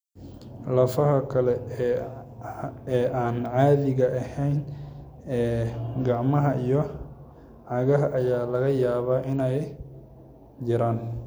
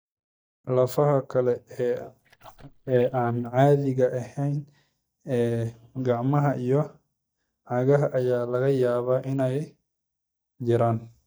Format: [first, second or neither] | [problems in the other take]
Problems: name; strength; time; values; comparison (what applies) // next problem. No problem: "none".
first | noise reduction (neural mask model DeepFilterNet 3)